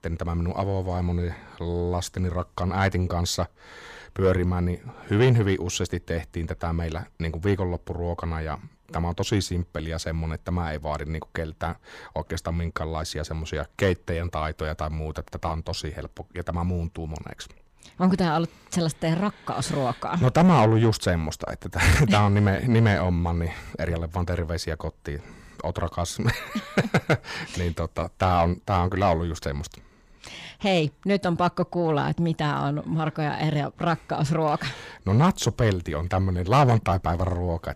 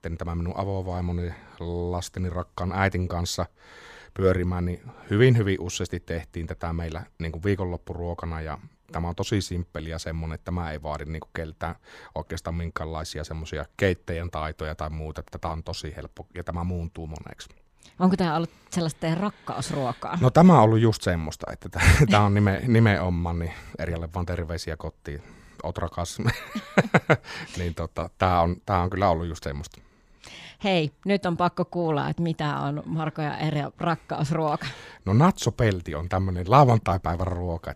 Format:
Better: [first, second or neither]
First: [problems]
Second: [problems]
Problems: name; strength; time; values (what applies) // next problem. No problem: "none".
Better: second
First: distortion; slight; 10 dB below the speech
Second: none